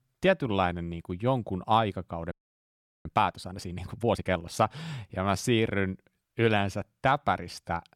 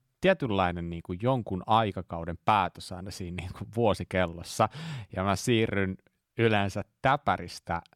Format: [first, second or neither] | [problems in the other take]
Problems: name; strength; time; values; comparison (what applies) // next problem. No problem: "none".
second | audio freezing; at 2.5 s for 0.5 s